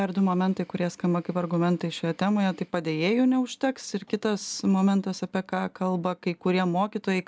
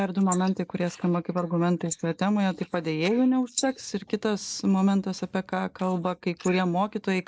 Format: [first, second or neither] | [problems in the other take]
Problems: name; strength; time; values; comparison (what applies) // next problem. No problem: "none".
first | noise reduction (neural mask model Resemble Enhance denoiser)